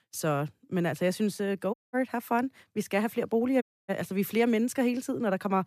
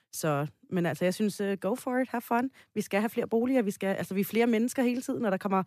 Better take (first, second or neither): second